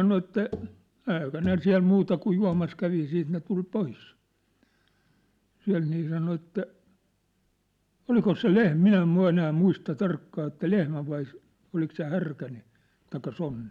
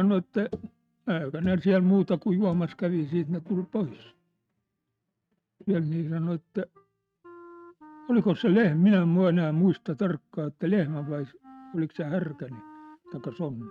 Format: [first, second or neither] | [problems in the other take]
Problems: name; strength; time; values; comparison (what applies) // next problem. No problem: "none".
first | noise reduction (neural mask model RNNoise)